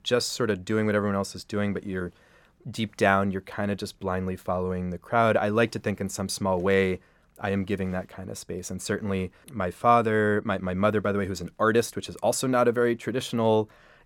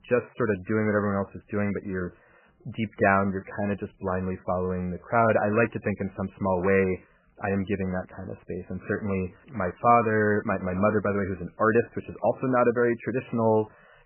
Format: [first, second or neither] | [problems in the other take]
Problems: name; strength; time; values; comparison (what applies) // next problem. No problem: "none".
first | garbled, watery; badly; nothing above 2.5 kHz